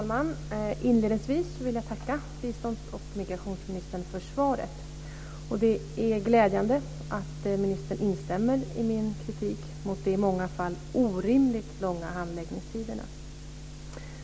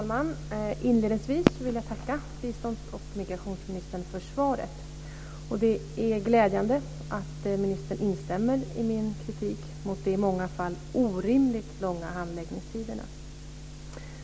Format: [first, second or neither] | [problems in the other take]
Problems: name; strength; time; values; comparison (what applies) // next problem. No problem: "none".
first | background sound (Fireworks); 4 dB below the speech